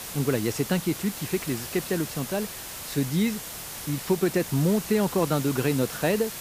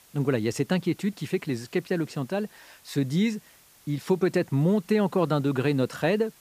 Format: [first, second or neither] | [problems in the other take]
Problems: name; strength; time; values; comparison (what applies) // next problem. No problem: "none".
second | hiss; loud; throughout; 8 dB below the speech; faint in the second